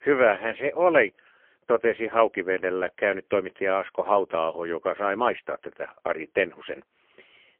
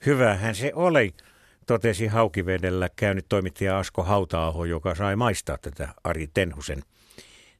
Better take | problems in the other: second | phone-call audio; poor line; nothing above 3 kHz

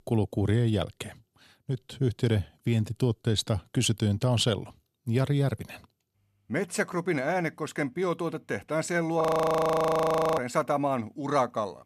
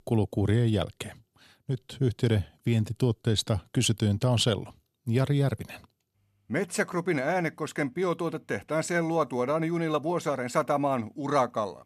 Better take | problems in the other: second | audio freezing; at 9 s for 1 s

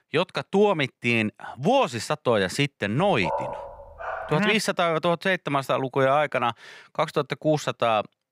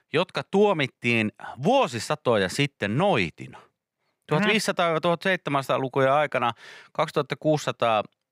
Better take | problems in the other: second | dog barking; noticeable; from 3 to 4.5 s; peak 6 dB below the speech

